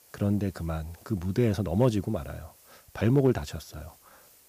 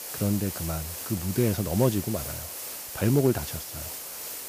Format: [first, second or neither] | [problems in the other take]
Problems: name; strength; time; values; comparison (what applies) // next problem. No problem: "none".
first | hiss; loud; throughout; 7 dB below the speech; faint in the first